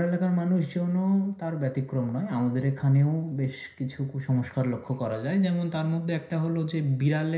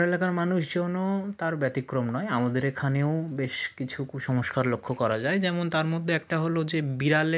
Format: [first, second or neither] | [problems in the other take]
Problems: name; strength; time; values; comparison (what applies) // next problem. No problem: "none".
second | room echo; dies away in 0.5 s